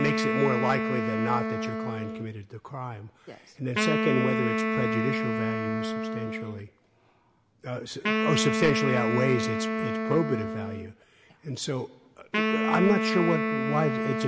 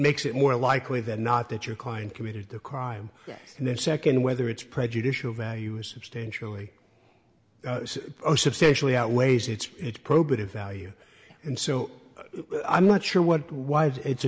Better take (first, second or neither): second